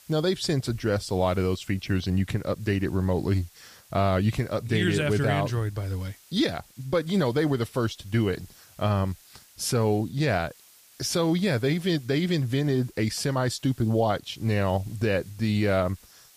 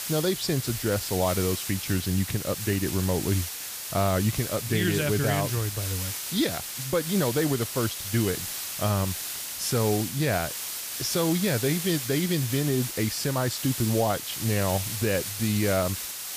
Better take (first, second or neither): first